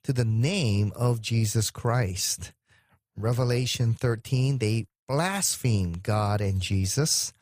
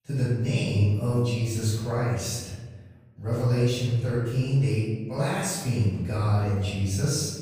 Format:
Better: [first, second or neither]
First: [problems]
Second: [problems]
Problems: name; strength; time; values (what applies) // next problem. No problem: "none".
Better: first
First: none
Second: room echo; strong; dies away in 1.3 s // off-mic speech; far